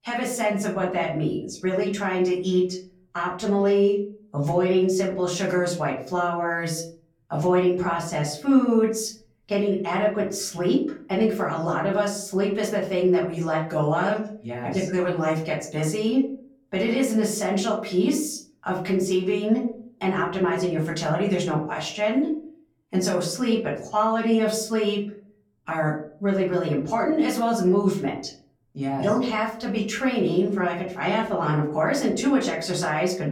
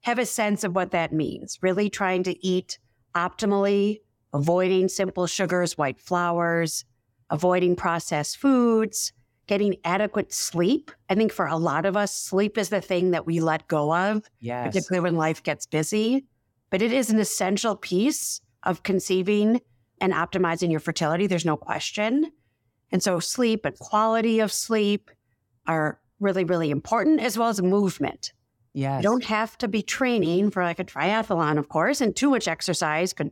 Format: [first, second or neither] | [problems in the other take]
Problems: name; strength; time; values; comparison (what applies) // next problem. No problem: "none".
second | room echo; slight; dies away in 0.5 s // off-mic speech; far